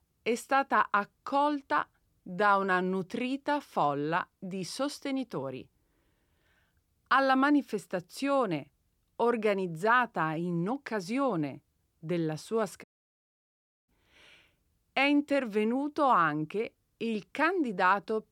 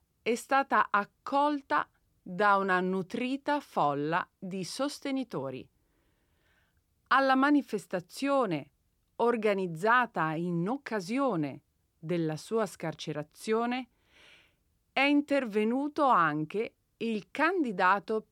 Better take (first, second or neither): second